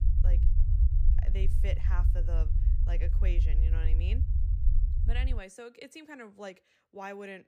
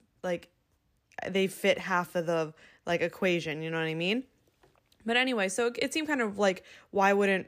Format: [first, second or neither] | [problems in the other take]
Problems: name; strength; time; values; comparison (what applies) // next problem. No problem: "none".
second | low rumble; loud; until 5.5 s; 5 dB below the speech